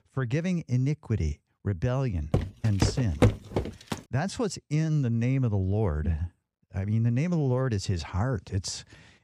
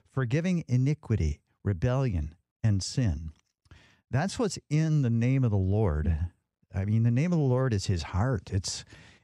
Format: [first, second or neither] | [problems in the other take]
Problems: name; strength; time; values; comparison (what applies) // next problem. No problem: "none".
second | footsteps; loud; from 2.5 to 4 s; peak 4 dB above the speech